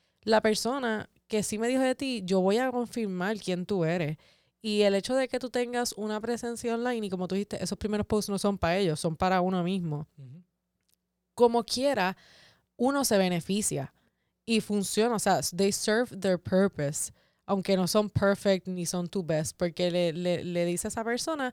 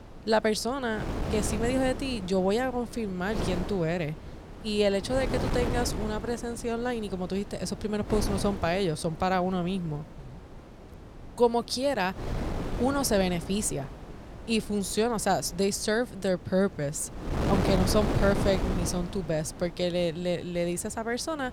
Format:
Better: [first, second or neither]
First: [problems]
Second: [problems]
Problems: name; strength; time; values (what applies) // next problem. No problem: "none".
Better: first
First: none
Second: wind noise on the microphone; heavy; 9 dB below the speech